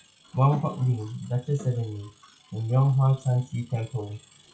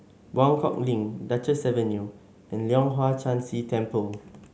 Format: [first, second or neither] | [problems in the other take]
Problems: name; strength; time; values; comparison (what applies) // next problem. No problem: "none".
second | noise reduction (classical method WPE with log-MMSE)